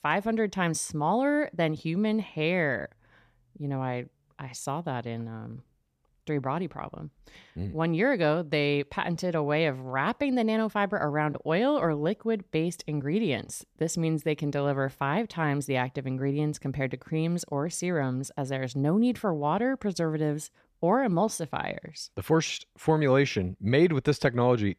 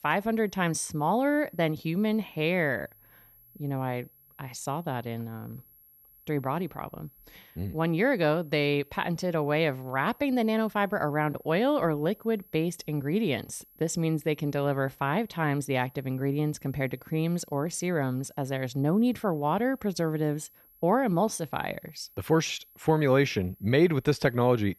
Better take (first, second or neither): first